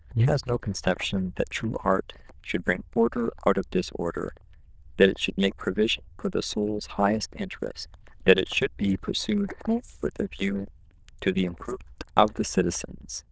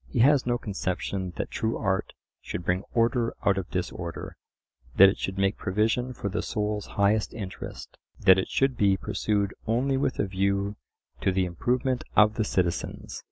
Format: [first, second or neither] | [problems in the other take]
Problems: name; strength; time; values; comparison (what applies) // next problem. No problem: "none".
second | noise reduction (neural diffusion model UNIVERSE++)